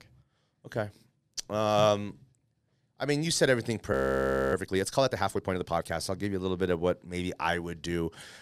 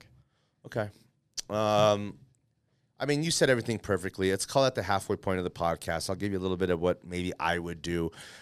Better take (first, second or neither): second